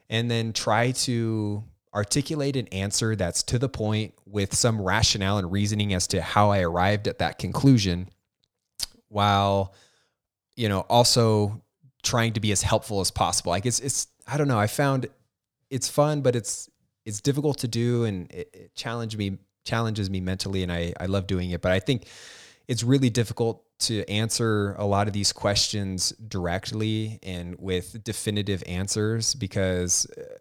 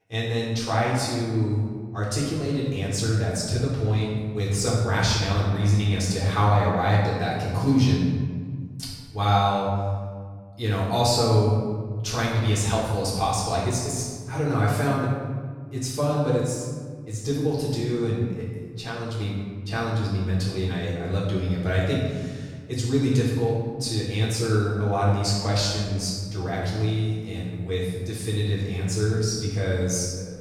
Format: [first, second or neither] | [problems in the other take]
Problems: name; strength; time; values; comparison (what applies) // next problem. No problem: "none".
first | off-mic speech; far // room echo; strong; dies away in 1.8 s